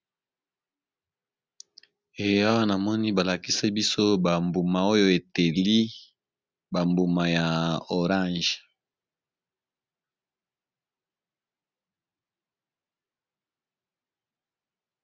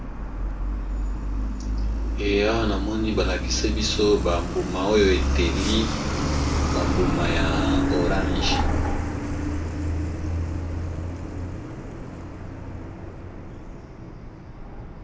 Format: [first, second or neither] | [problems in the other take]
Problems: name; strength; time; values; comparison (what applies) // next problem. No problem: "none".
first | background sound (Truck); 3 dB above the speech // room echo; dies away in 0.3 s